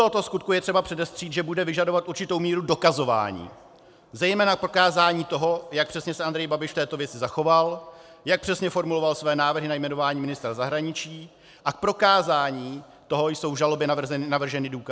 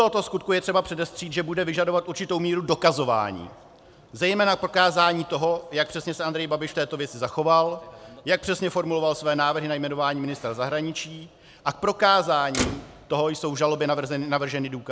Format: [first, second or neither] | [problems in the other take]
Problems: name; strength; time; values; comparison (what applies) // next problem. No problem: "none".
first | background sound (Motor vehicle (road)); 18 dB below the speech